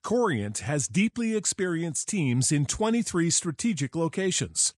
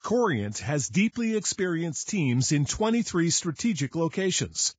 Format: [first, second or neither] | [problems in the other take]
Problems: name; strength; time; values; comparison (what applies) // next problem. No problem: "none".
first | garbled, watery; badly; nothing above 7.5 kHz; slightly in the first